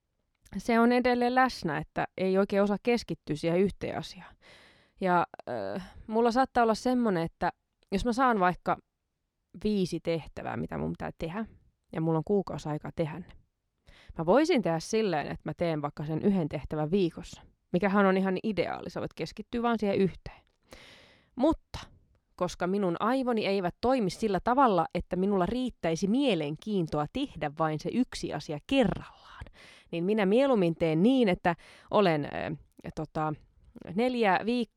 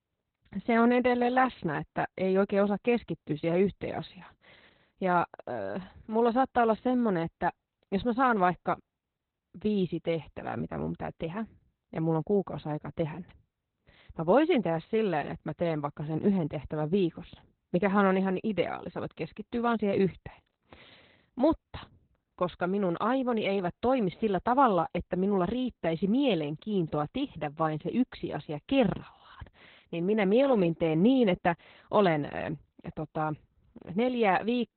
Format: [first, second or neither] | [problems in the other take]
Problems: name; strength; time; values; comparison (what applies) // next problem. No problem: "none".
first | garbled, watery; badly; nothing above 4 kHz